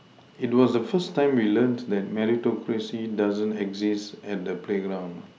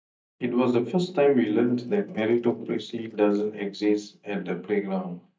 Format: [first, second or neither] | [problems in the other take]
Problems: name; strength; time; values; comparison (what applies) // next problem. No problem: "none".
first | noise reduction (neural mask model DeepFilterNet 3)